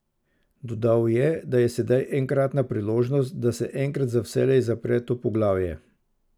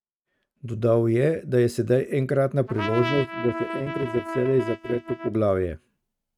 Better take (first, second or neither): first